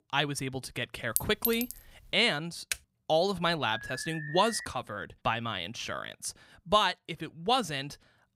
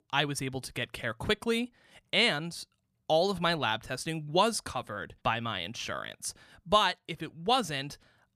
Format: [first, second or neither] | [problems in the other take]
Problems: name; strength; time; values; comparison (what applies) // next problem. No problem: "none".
second | clattering dishes; loud; at 1 s; peak 1 dB above the speech // keyboard typing; very faint; at 2.5 s; peak 6 dB below the speech // alarm; noticeable; at 3.5 s; peak 10 dB below the speech